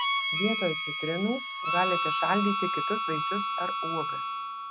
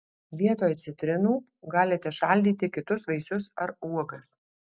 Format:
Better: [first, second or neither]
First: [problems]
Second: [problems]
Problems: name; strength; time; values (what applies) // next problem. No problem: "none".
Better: second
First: background sound (Harmonica); 2 dB above the speech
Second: none